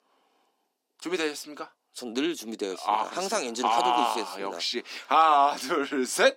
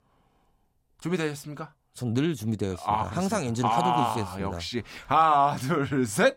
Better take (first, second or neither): second